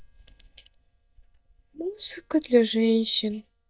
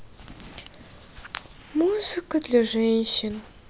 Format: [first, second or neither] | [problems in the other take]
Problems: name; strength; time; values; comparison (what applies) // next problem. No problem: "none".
second | noise reduction (neural mask model DeepFilterNet 3)